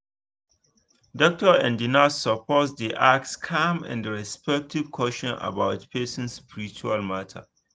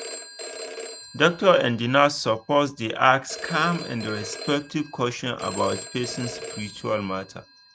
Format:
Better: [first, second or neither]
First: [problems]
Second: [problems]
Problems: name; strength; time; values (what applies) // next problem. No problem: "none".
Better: first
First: none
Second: background sound (Telephone); 14 dB below the speech